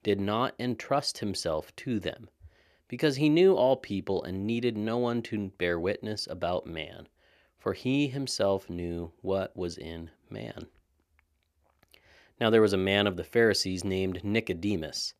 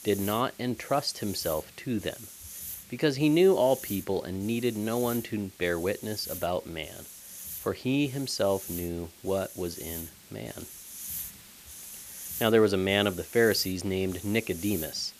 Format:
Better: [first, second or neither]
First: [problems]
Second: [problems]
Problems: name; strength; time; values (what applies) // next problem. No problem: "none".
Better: first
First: none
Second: hiss; noticeable; throughout; 10 dB below the speech